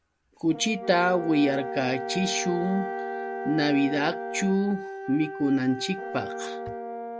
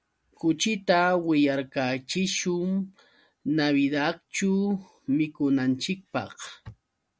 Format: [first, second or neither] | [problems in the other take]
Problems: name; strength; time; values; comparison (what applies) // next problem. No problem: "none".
second | background sound (Wind instrument, woodwind instrument + Brass instrument); 7 dB below the speech